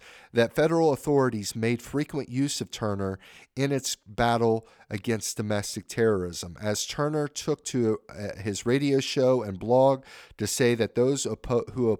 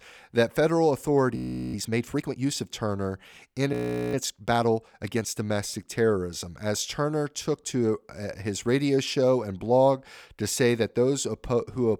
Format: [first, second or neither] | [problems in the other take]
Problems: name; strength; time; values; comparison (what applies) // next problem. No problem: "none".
first | audio freezing; at 1.5 s and at 3.5 s